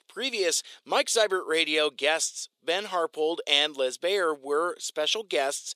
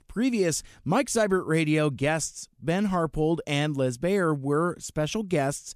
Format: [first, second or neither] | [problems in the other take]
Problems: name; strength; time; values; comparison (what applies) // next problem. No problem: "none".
second | thin; very; fading below 450 Hz